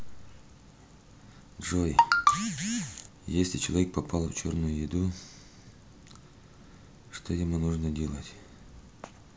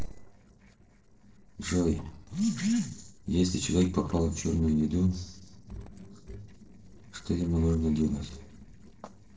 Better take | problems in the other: first | noise reduction (neural separator model SepFormer DNS4)

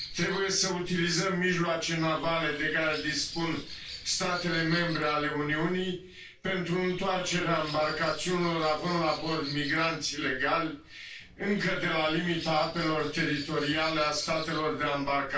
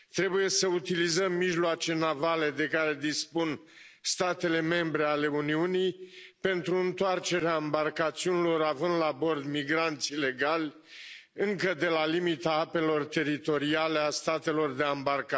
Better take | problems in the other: second | background sound (Bird); 13 dB below the speech // room echo; dies away in 0.2 s

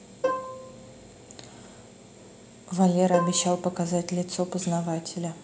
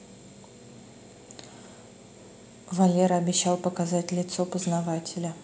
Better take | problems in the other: second | background sound (Plucked string instrument); 6 dB below the speech

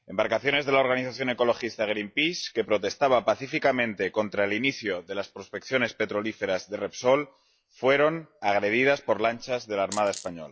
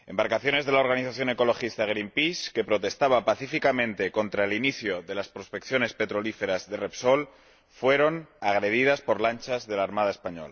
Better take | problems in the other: second | noise reduction (classical method log-MMSE)

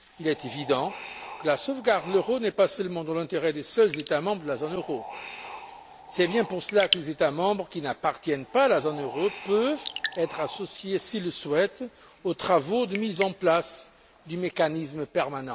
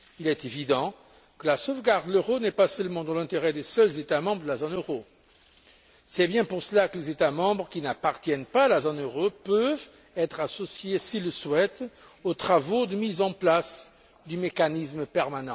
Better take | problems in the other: second | background sound (Raindrop / Drip + Wind); 13 dB below the speech

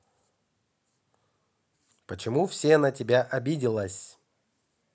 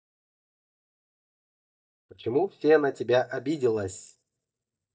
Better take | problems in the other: first | noise reduction (neural mask model DeepFilterNet 3)

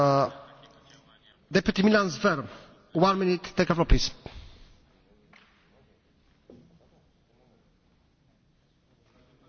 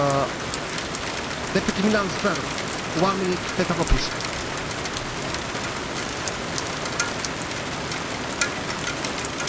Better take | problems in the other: first | background sound (Rain); 1 dB above the speech

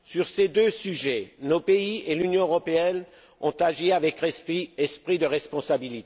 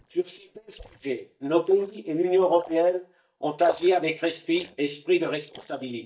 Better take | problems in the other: first | noise reduction (neural mask model DeepFilterNet 3)

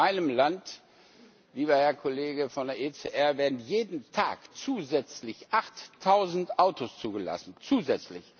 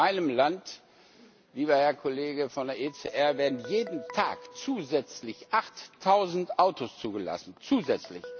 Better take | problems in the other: first | background sound (Guitar); 20 dB below the speech

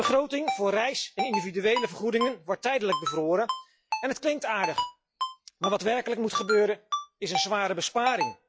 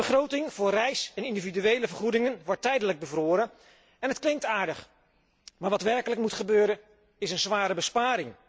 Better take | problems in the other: second | noise reduction (classical method log-MMSE)

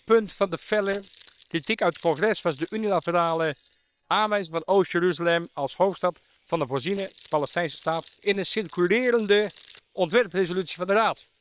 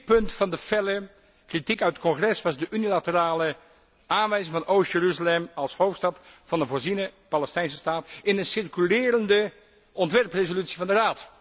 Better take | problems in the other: second | noise reduction (neural separator model SepFormer WHAM!)

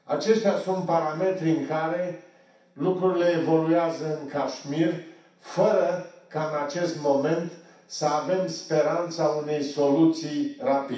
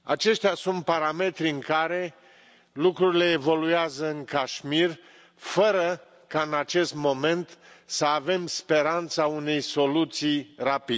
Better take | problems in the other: second | room echo; dies away in 0.7 s

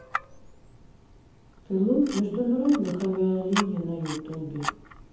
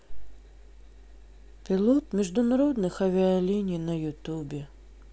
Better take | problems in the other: second | background sound (Camera); 11 dB below the speech // room echo; dies away in 0.8 s

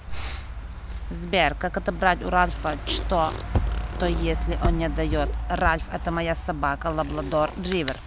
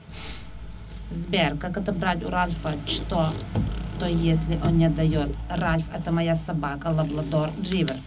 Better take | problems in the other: first | room echo; dies away in 0.4 s

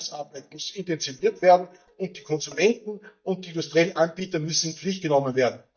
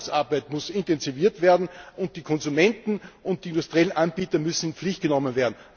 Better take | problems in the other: second | noise reduction (neural mask model DeepFilterNet 3)

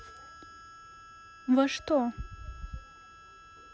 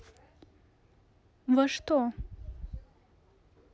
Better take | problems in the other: second | background sound (Harmonica); 18 dB below the speech

